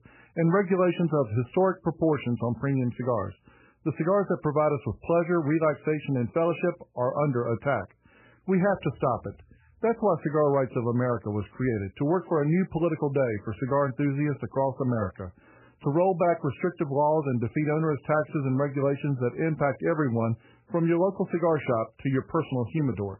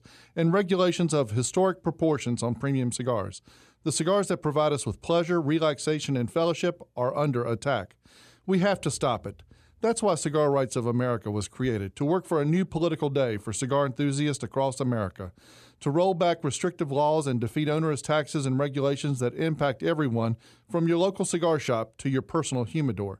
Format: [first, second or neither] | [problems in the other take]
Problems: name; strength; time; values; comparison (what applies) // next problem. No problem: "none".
second | garbled, watery; badly; nothing above 3 kHz